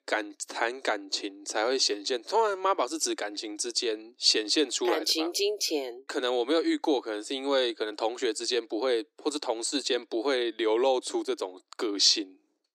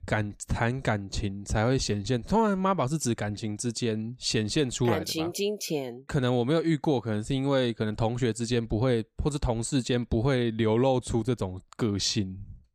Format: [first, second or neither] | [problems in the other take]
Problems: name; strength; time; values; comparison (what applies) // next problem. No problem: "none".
second | thin; somewhat; fading below 300 Hz